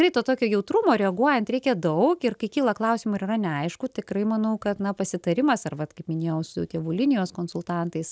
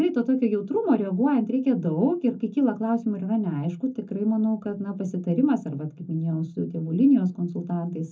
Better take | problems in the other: first | room echo; dies away in 0.3 s

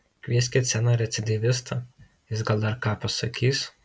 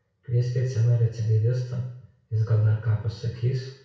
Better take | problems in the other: first | room echo; dies away in 0.6 s

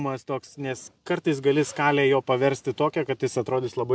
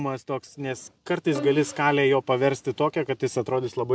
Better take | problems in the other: first | background sound (Bowed string instrument); 14 dB below the speech

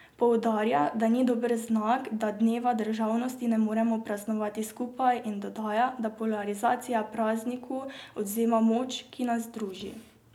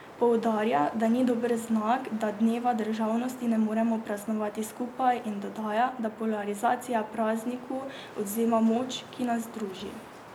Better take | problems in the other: first | background sound (Wind); 18 dB below the speech

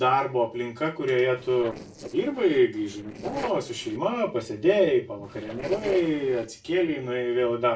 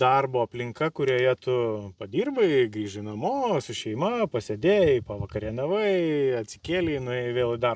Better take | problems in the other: second | noise reduction (neural separator model SepFormer DNS4)

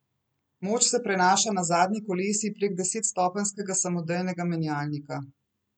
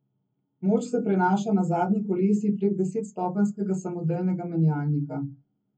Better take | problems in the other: first | room echo; dies away in 0.3 s

